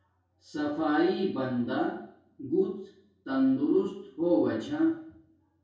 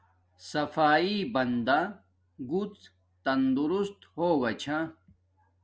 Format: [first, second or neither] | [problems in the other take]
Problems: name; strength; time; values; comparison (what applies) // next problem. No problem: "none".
second | room echo; dies away in 0.6 s